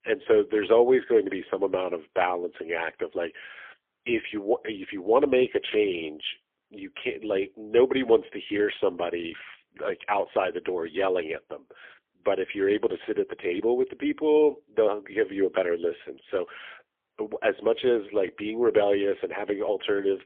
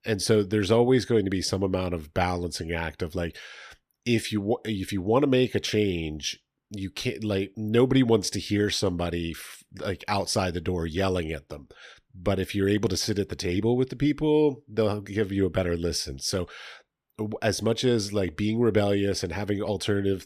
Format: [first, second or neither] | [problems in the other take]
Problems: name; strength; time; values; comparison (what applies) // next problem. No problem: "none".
second | phone-call audio; poor line; nothing above 3.5 kHz